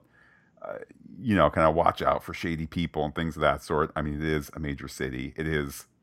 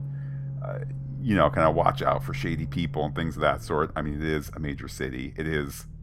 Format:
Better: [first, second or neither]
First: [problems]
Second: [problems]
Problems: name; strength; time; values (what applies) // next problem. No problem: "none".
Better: first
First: none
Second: low rumble; faint; throughout; 20 dB below the speech